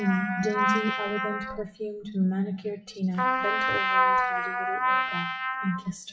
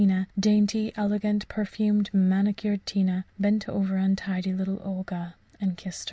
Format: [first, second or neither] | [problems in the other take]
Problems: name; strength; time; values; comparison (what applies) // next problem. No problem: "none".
second | noise reduction (classical method WPE with log-MMSE)